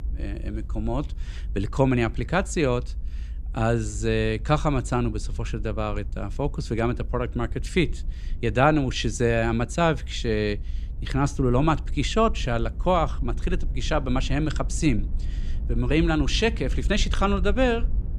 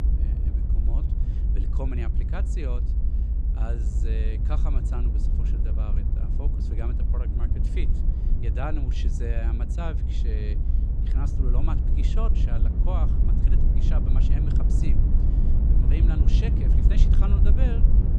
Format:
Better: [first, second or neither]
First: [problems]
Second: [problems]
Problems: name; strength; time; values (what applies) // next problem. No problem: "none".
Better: first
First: low rumble; faint; throughout; 25 dB below the speech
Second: low rumble; loud; throughout; 1 dB below the speech